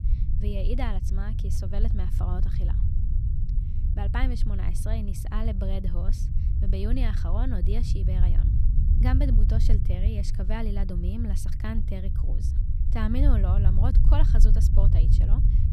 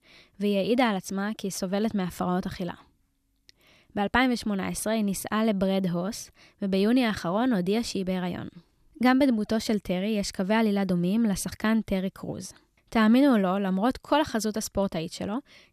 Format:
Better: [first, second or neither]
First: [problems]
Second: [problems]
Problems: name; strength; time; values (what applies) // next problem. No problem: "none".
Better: second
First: low rumble; loud; throughout; 5 dB below the speech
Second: none